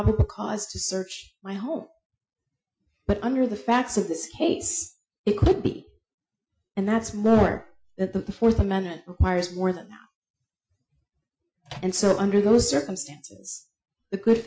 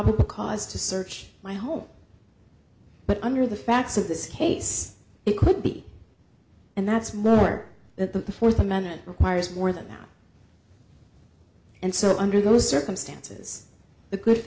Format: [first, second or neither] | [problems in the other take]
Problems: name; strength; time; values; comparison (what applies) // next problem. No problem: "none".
second | noise reduction (classical method Wiener filter)